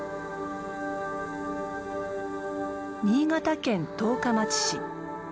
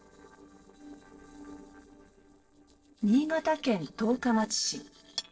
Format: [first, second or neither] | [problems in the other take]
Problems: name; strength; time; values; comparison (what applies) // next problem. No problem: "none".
first | noise reduction (neural separator model SepFormer DNS4)